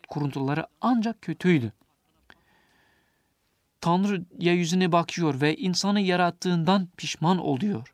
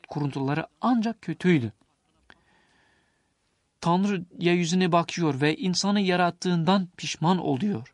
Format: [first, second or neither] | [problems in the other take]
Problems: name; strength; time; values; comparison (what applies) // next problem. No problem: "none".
first | garbled, watery; slightly